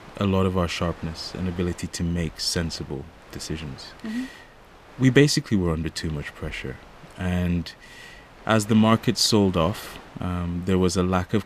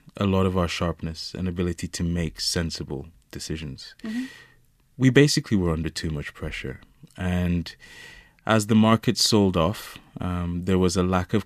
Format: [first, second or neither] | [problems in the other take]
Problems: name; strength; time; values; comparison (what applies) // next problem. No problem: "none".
second | wind noise on the microphone; occasional gusts; 20 dB below the speech